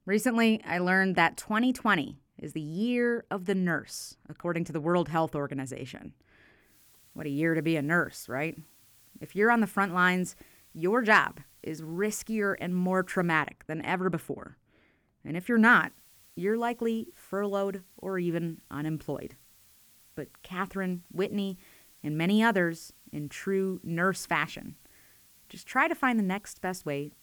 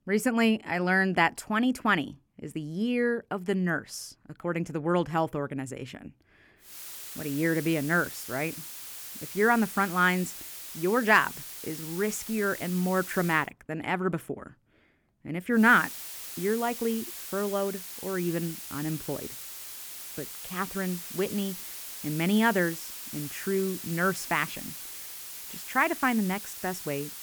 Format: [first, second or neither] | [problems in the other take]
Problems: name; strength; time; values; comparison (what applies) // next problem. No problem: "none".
first | hiss; loud; from 6.5 to 13 s and from 16 s on; 10 dB below the speech; faint in the first